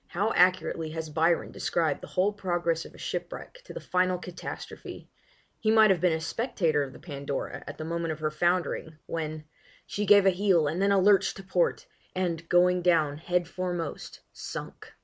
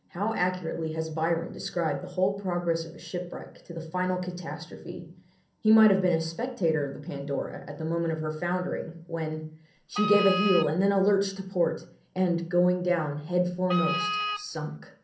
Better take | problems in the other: first | background sound (Wind instrument, woodwind instrument); 4 dB below the speech // room echo; dies away in 0.6 s

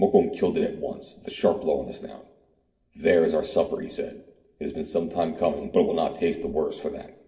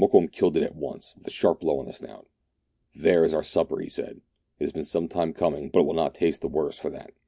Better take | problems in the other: second | room echo; dies away in 0.7 s

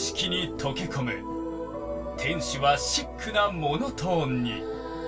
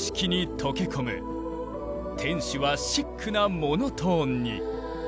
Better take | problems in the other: second | room echo; dies away in 0.2 s

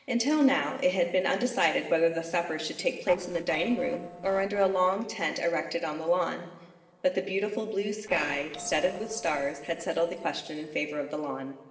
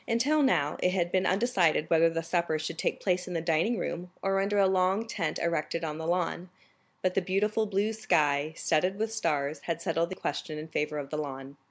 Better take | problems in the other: second | noise reduction (neural separator model SepFormer DNS4)

